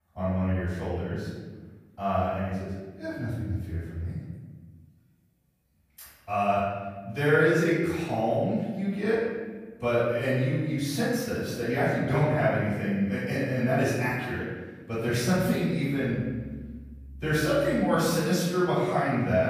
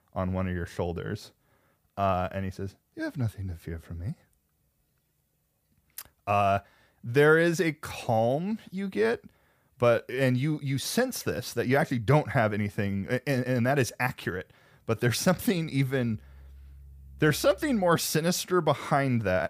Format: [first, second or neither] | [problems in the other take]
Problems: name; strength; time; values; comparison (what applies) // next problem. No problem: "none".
second | room echo; strong; dies away in 1.3 s // off-mic speech; far